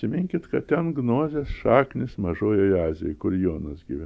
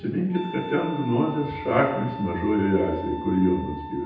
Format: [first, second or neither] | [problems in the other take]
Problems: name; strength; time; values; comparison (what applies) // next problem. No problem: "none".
first | background sound (Wind instrument, woodwind instrument); 12 dB below the speech // room echo; dies away in 0.9 s